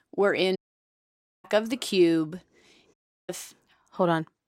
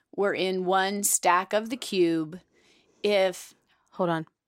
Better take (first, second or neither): second